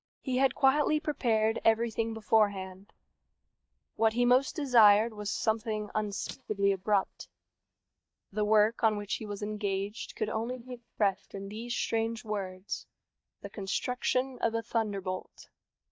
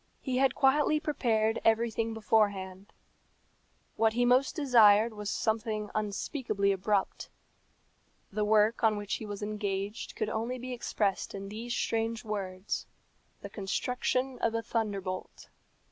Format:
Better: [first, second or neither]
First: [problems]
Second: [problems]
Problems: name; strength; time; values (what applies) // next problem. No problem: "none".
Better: second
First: noise reduction (neural mask model DeepFilterNet 3)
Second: none